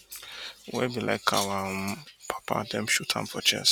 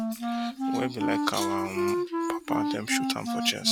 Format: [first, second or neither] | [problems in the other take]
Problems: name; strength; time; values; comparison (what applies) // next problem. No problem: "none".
first | background sound (Wind instrument, woodwind instrument); 3 dB above the speech